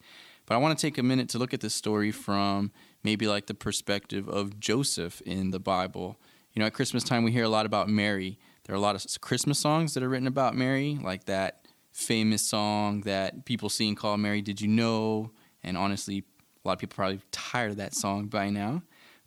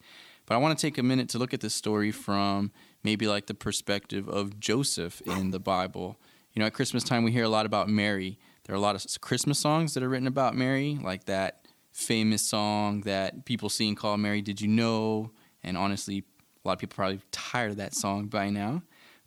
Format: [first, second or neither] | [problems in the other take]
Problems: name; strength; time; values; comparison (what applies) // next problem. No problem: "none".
first | dog barking; noticeable; at 5 s; peak 10 dB below the speech